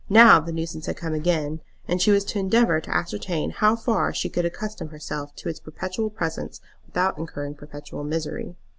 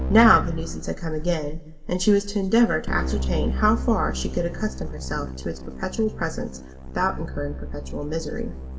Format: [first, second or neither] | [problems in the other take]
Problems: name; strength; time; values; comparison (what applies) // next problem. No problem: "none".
first | background sound (Keyboard (musical)); 7 dB below the speech // room echo; dies away in 1.1 s